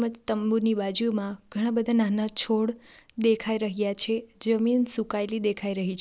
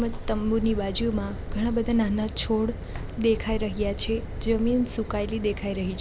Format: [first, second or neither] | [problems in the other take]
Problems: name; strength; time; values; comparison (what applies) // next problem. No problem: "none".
first | background sound (Fire); 6 dB below the speech